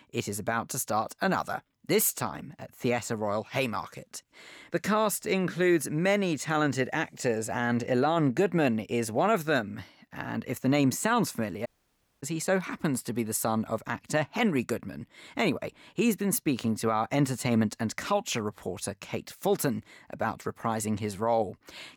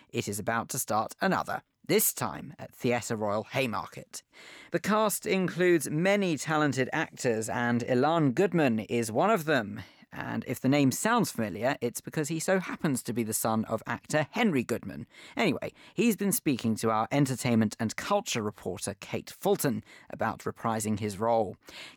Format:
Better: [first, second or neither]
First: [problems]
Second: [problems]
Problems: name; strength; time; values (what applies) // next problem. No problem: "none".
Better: second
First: audio cutting out; at 12 s for 0.5 s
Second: none